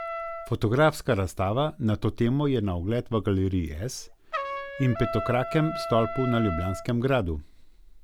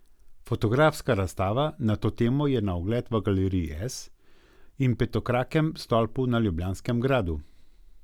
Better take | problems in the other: second | background sound (Trumpet); 11 dB below the speech

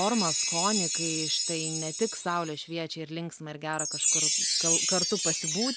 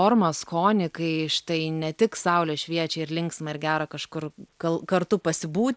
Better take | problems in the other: second | background sound (Chime); 3 dB above the speech

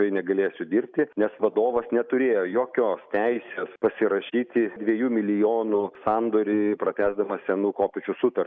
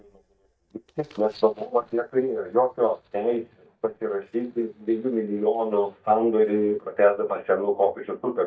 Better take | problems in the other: first | noise reduction (neural mask model DeepFilterNet 3)

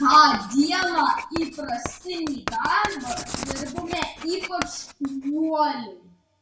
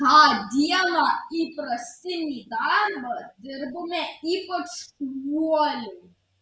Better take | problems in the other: second | background sound (Writing); 12 dB below the speech // room echo; dies away in 0.3 s

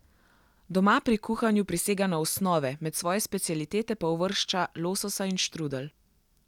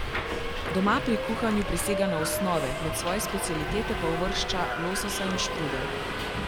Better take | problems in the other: first | background sound (Subway, metro, underground); as loud as the speech

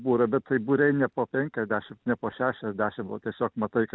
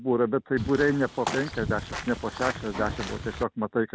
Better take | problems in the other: first | background sound (Walk, footsteps / Bird vocalization, bird call, bird song); 7 dB below the speech

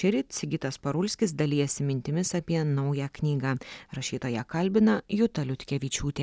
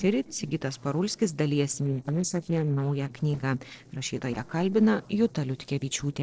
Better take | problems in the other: first | noise reduction (neural separator model SepFormer DNS4)

